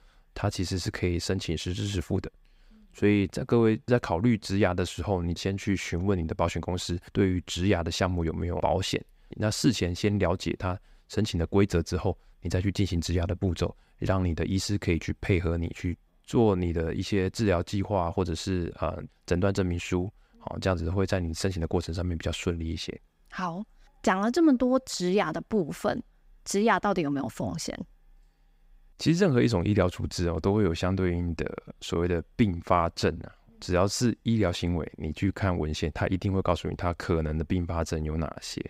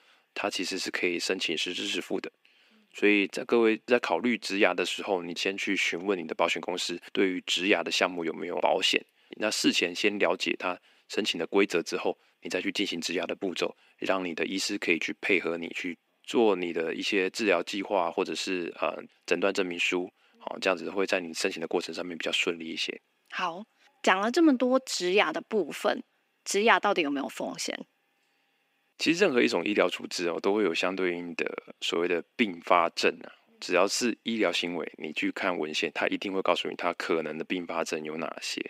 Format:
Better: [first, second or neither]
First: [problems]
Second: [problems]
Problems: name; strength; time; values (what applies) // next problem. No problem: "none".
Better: first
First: none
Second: thin; somewhat; fading below 250 Hz